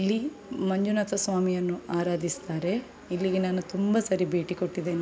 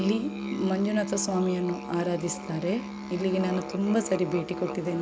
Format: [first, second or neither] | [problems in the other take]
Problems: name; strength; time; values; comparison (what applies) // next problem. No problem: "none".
first | background sound (Musical instrument); 7 dB below the speech